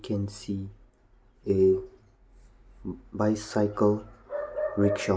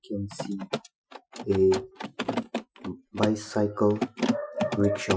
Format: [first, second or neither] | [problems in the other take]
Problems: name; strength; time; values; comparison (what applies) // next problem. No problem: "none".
first | noise reduction (classical method Wiener filter)